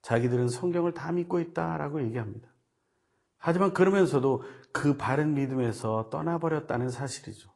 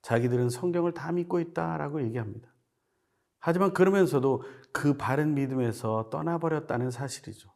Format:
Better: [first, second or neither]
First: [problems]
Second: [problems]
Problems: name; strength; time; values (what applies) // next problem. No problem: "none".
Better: second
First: garbled, watery; slightly; nothing above 10.5 kHz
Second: none